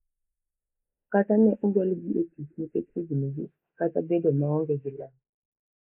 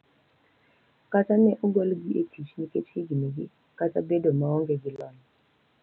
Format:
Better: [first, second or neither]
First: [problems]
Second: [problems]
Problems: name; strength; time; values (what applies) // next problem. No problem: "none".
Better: second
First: noise reduction (neural mask model Resemble Enhance denoiser)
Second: none